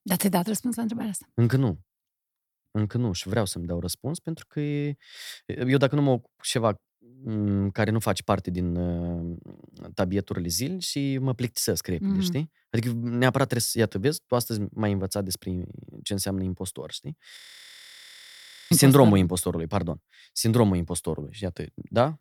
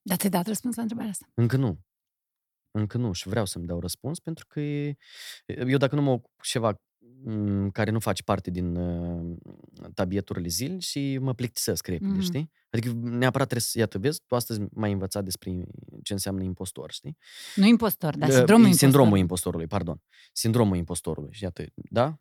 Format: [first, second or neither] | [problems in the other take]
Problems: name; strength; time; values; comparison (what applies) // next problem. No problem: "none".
second | audio freezing; at 17 s for 1.5 s